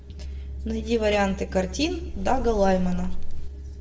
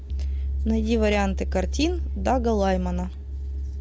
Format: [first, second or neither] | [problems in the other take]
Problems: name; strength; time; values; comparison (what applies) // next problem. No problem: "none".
second | background sound (Wind); as loud as the speech // room echo; dies away in 0.5 s